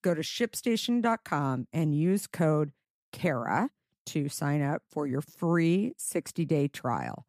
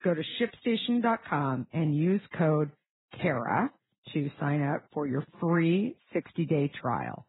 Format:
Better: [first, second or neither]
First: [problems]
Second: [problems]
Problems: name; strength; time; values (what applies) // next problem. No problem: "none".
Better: first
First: none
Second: garbled, watery; badly; nothing above 4 kHz